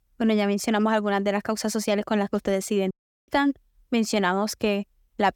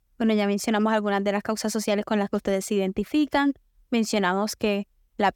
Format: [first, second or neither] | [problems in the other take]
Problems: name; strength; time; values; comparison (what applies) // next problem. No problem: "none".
second | audio cutting out; at 3 s